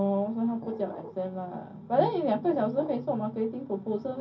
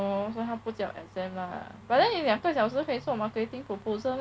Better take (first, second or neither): second